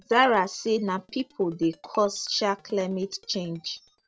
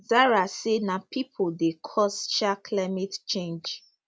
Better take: second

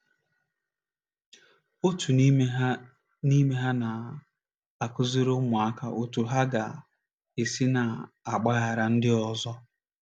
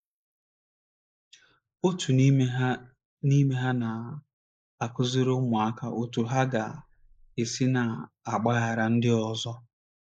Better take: first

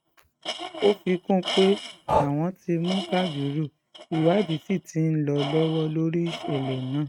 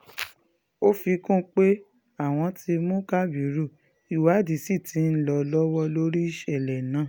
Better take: second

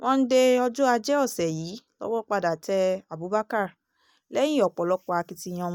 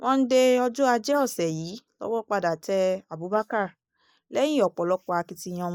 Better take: first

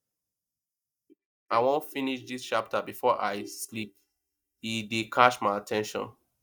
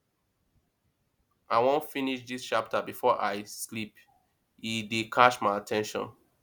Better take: second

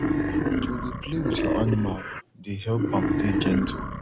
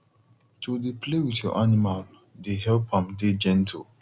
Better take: second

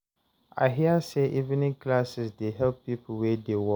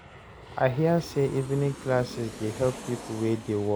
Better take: first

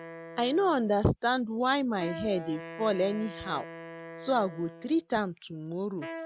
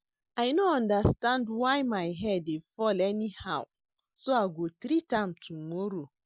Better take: second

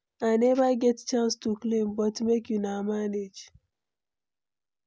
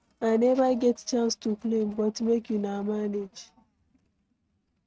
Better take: first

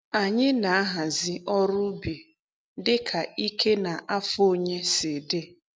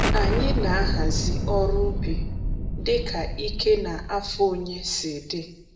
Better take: first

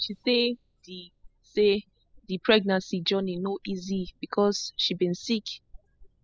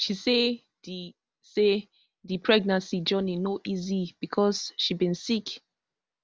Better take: second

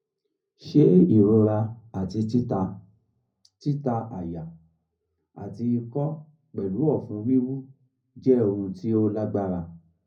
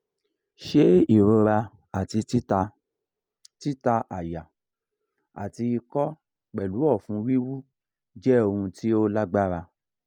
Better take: second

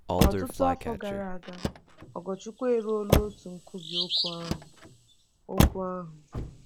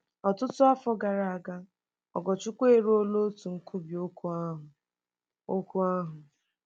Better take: second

